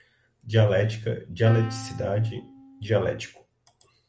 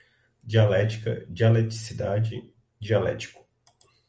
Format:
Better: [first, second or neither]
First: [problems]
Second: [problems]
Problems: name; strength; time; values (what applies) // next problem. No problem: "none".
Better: second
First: background sound (Wind instrument, woodwind instrument); 18 dB below the speech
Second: none